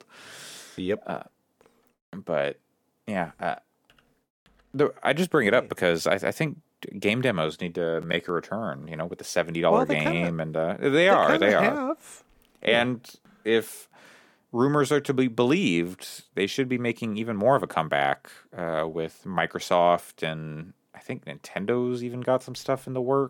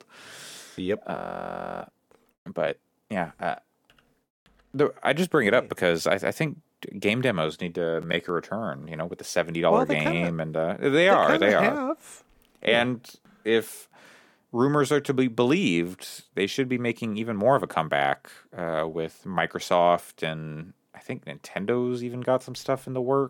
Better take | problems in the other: first | audio freezing; at 1 s for 0.5 s

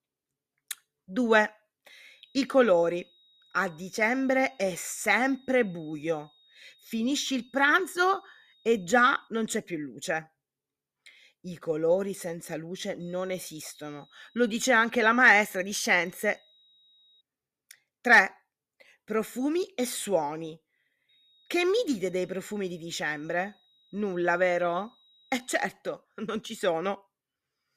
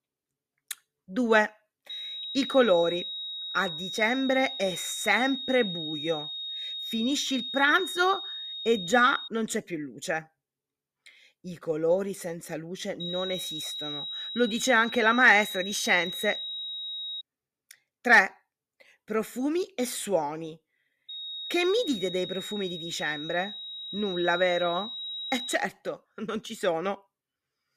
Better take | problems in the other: first | high-pitched whine; loud; from 2 to 9.5 s, from 13 to 17 s and from 21 to 26 s; 3.5 kHz, 7 dB below the speech; faint in the first

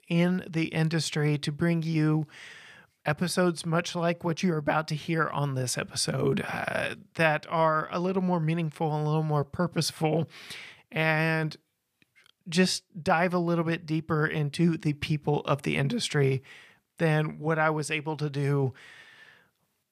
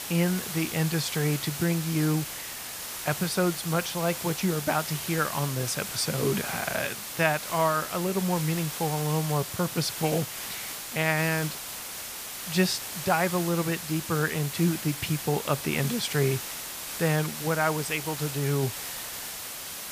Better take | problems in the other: first | hiss; loud; throughout; 6 dB below the speech

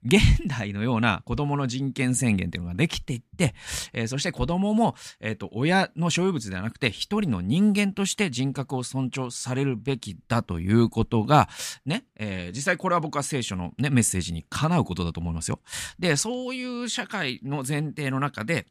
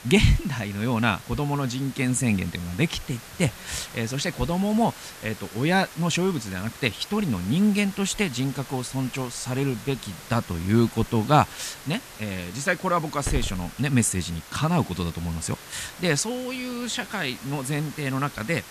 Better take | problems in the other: first | hiss; noticeable; throughout; 15 dB below the speech

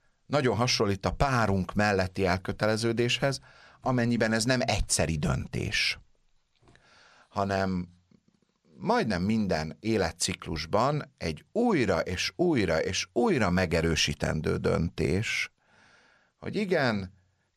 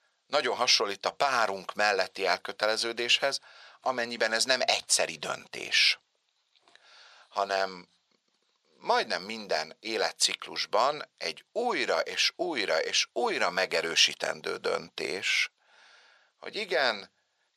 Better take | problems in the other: first | thin; very; fading below 600 Hz

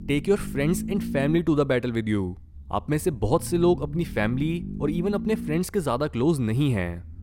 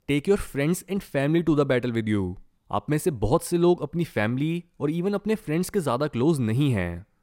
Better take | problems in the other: second | low rumble; noticeable; throughout; 15 dB below the speech

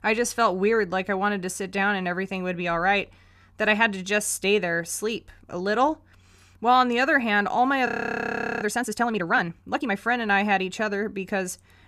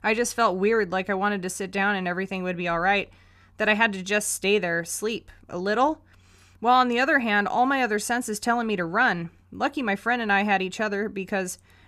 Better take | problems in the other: second | audio freezing; at 8 s for 0.5 s

